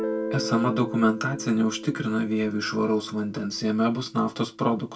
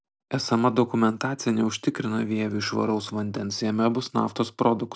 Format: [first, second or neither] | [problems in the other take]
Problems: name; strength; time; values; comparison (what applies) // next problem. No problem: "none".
second | background sound (Guitar); 10 dB below the speech // room echo; dies away in 0.1 s